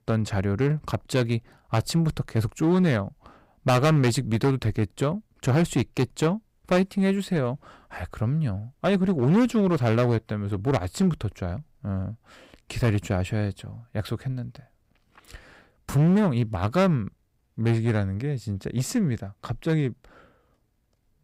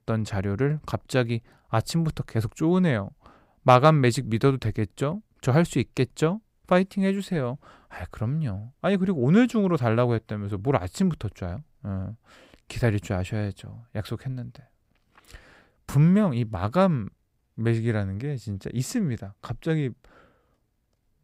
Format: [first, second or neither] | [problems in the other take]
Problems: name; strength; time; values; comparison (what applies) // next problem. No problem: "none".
second | distortion; slight; 6% of the sound clipped